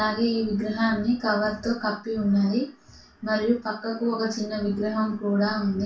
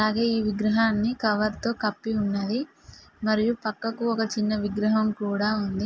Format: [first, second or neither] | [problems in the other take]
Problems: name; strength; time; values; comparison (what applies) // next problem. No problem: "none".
second | room echo; dies away in 0.2 s